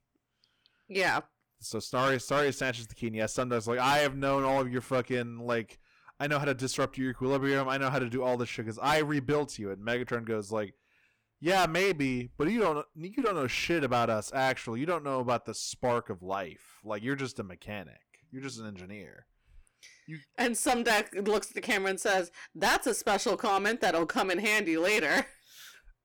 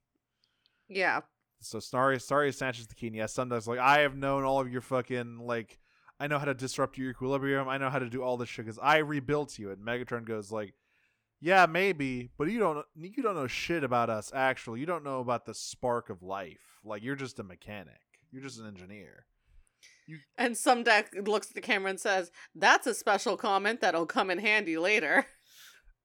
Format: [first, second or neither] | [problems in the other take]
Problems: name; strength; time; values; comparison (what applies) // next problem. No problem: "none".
second | distortion; heavy; 8% of the sound clipped